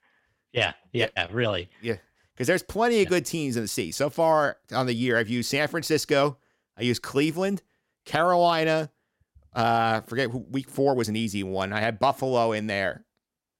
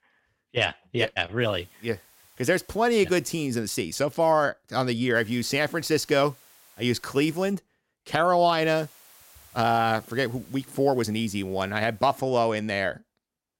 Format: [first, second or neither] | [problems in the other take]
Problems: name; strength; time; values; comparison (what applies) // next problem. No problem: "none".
first | hiss; faint; from 1.5 to 3.5 s, from 5 to 7.5 s and from 8.5 to 12 s; 25 dB below the speech